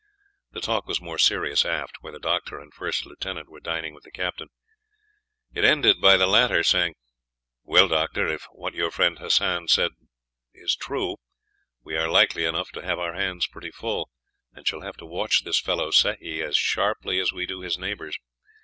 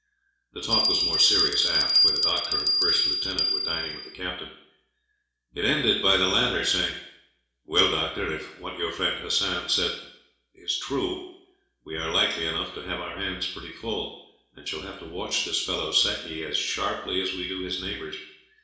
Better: first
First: none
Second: background sound (Bell); 5 dB above the speech // room echo; dies away in 0.7 s

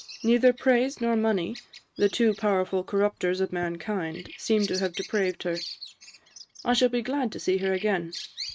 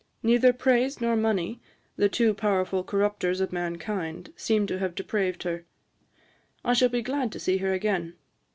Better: second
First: noise reduction (neural mask model RNNoise)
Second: none

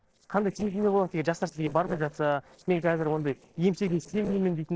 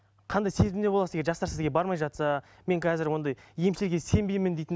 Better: second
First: noise reduction (neural separator model SepFormer DNS4)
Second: none

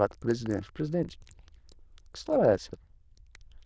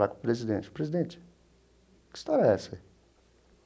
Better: second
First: noise reduction (neural diffusion model UNIVERSE++)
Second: none

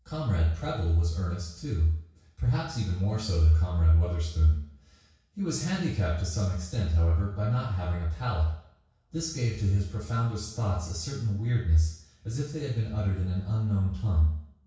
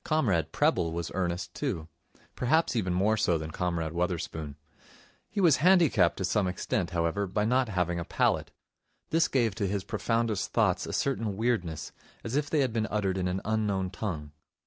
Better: second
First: room echo; dies away in 0.6 s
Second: none

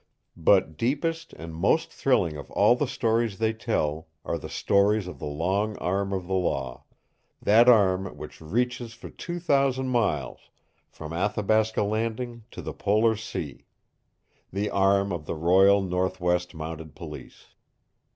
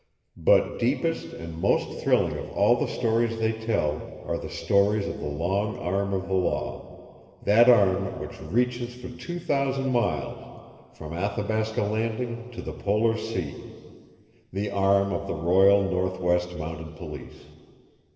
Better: first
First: none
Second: room echo; dies away in 2.1 s

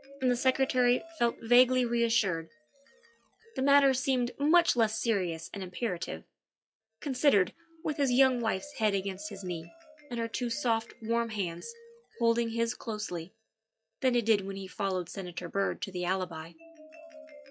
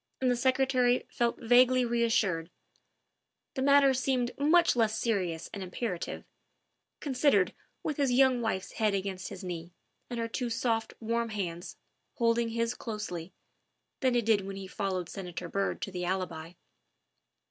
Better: second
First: noise reduction (classical method log-MMSE)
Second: none

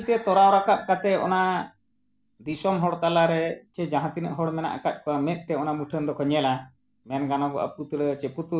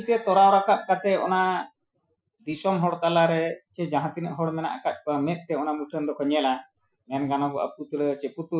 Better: first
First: none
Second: noise reduction (classical method Wiener filter)

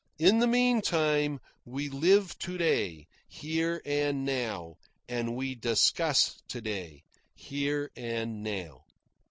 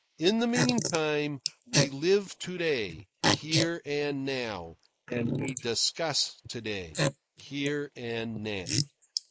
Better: first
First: none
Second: noise reduction (neural mask model Resemble Enhance denoiser)

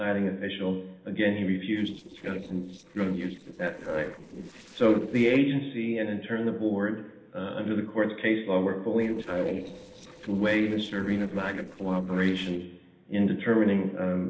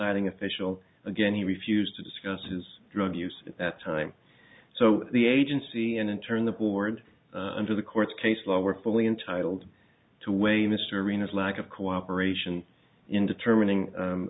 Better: second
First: noise reduction (neural separator model SepFormer DNS4)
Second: none

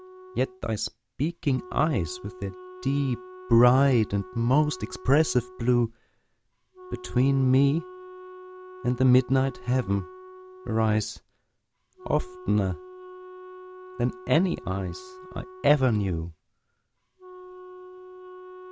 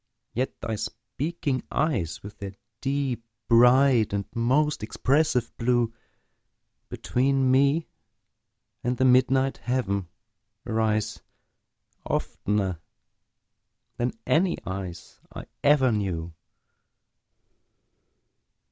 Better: second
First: background sound (Wind instrument, woodwind instrument); 18 dB below the speech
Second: none

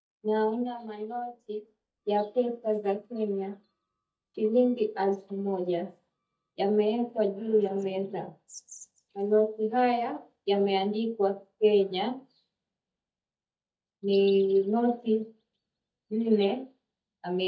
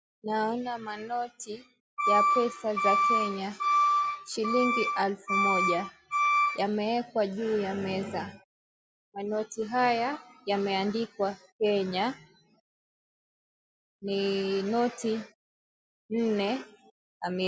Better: second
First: noise reduction (neural mask model DeepFilterNet 3)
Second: none

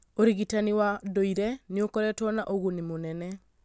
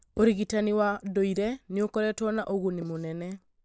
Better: first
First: none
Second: noise reduction (neural mask model Resemble Enhance denoiser)

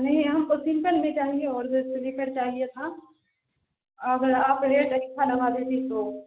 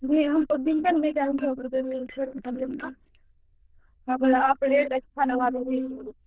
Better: first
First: none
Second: noise reduction (neural diffusion model UNIVERSE++)

